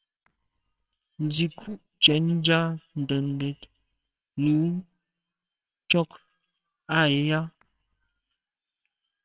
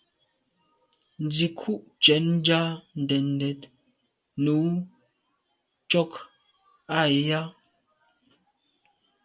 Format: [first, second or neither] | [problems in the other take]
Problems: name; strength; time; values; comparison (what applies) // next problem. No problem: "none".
second | noise reduction (neural separator model SepFormer WHAMR!)